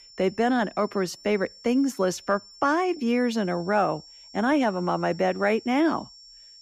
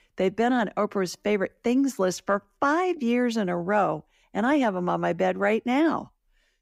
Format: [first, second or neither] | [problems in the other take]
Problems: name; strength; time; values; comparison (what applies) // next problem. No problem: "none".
second | high-pitched whine; faint; throughout; 5.5 kHz, 20 dB below the speech